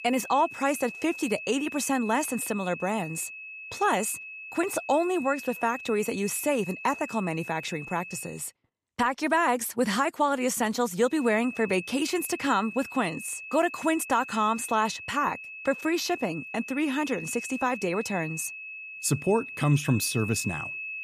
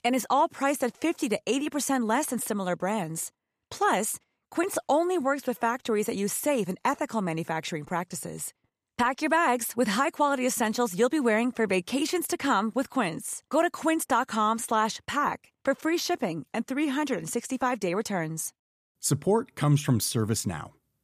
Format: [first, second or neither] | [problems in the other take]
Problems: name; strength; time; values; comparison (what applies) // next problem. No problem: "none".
second | high-pitched whine; noticeable; until 8.5 s and from 11 s on; 2.5 kHz, 10 dB below the speech